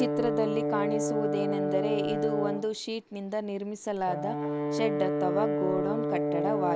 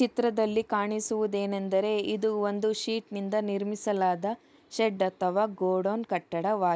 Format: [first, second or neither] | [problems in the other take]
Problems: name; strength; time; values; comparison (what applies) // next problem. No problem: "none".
second | background sound (Brass instrument); 2 dB above the speech